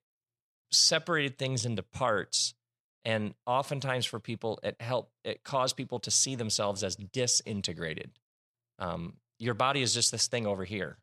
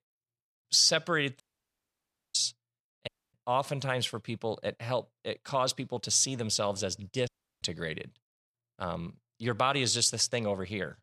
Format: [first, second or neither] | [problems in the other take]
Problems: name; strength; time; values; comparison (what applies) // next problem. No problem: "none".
first | audio cutting out; at 1.5 s for 1 s, at 3 s and at 7.5 s